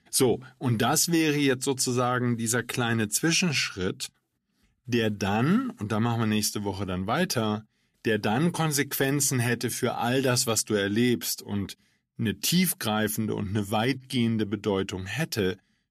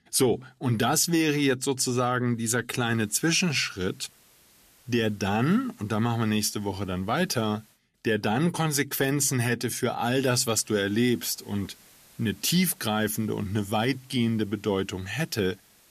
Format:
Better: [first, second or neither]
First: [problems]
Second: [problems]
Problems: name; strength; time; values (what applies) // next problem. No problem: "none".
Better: first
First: none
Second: hiss; faint; from 3 to 8 s and from 11 s on; 30 dB below the speech